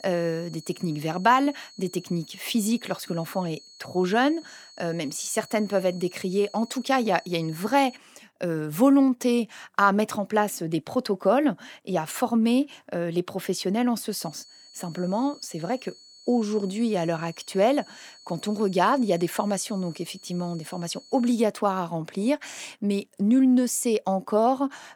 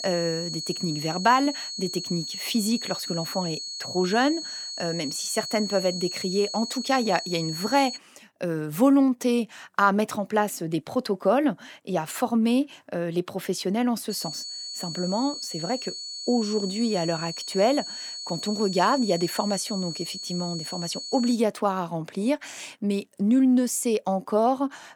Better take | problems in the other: first | high-pitched whine; loud; until 8 s and from 14 to 21 s; 4.5 kHz, 7 dB below the speech; faint in the first

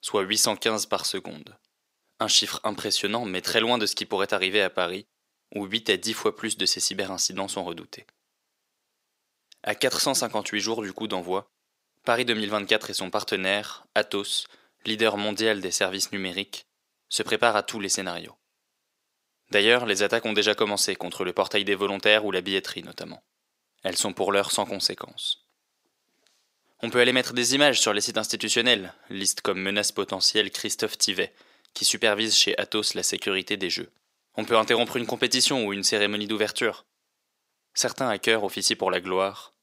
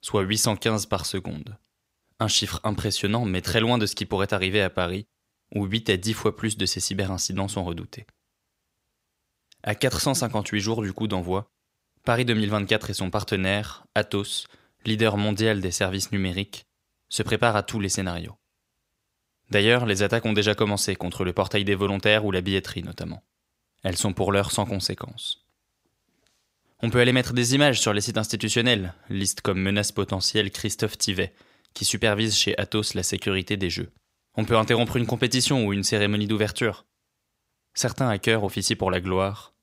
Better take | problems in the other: second | thin; somewhat; fading below 300 Hz

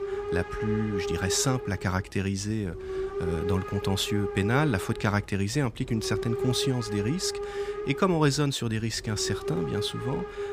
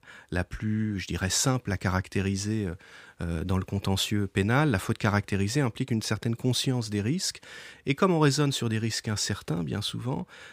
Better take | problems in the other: second | hiss; loud; throughout; 5 dB below the speech

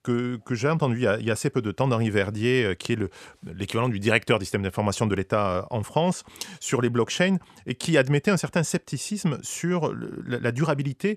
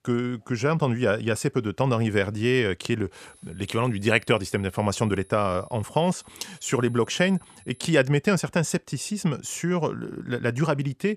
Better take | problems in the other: first | high-pitched whine; faint; from 3 to 8 s; 11 kHz, 30 dB below the speech

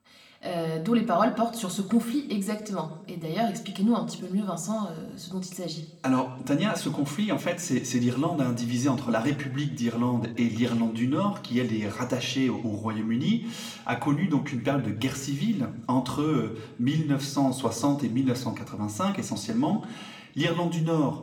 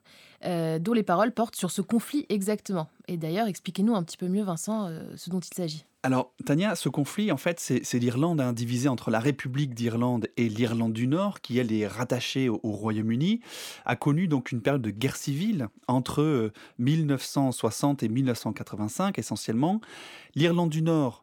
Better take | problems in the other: second | room echo; very slight; dies away in 0.7 s // off-mic speech; somewhat distant

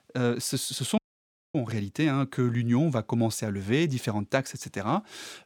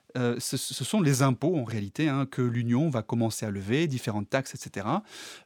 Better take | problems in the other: second | audio cutting out; at 1 s for 0.5 s

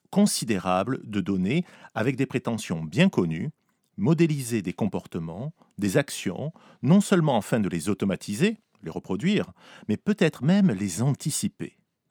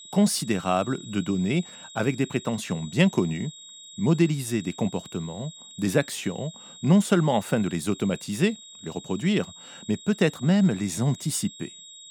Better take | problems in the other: first | high-pitched whine; noticeable; throughout; 4 kHz, 15 dB below the speech

